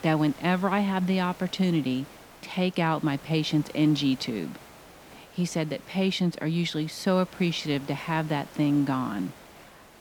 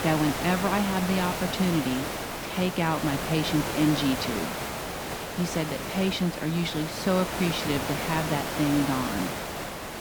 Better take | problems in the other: first | hiss; loud; throughout; 4 dB below the speech; faint in the first

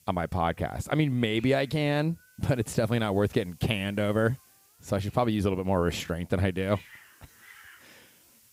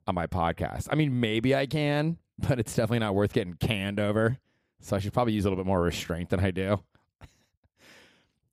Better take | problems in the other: second | hiss; faint; throughout; 25 dB below the speech

